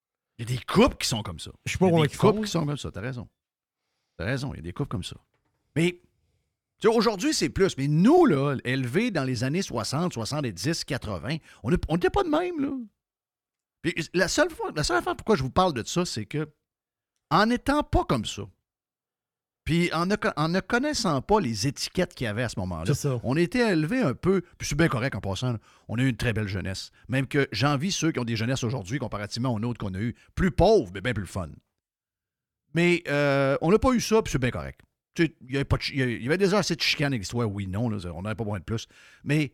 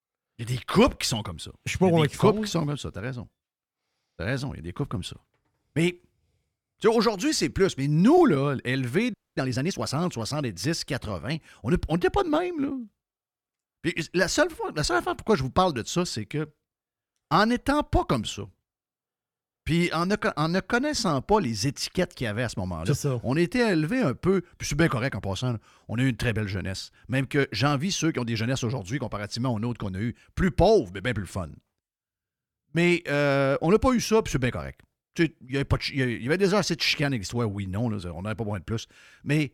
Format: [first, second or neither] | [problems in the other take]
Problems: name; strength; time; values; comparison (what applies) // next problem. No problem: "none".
first | audio freezing; at 9 s